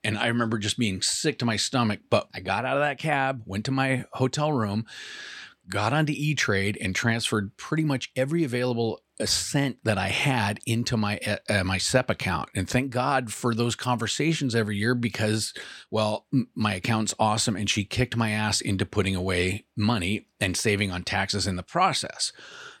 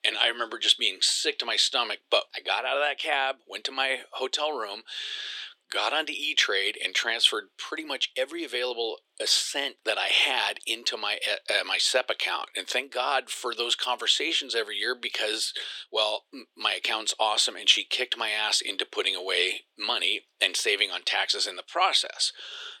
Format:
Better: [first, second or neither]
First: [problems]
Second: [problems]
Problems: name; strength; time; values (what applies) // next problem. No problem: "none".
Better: first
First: none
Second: thin; very; fading below 350 Hz